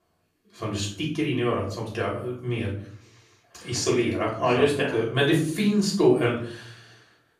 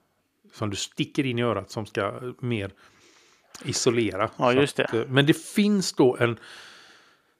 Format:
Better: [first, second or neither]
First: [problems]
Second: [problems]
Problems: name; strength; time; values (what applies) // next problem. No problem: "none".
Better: second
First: off-mic speech; far // room echo; slight; dies away in 0.5 s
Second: none